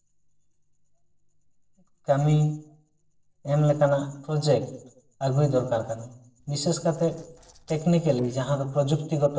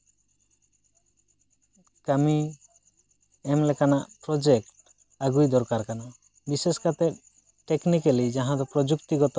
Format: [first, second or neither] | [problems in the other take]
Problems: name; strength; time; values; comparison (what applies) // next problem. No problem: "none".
second | noise reduction (neural separator model SepFormer DNS4)